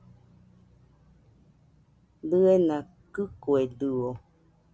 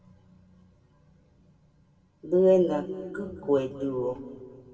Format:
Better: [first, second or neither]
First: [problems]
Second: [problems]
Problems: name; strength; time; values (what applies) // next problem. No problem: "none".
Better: first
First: none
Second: room echo; dies away in 2.1 s